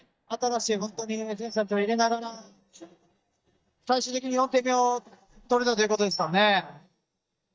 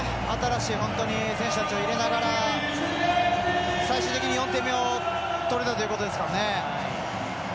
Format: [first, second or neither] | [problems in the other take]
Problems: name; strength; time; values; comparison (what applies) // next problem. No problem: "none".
second | noise reduction (neural mask model DeepFilterNet 3)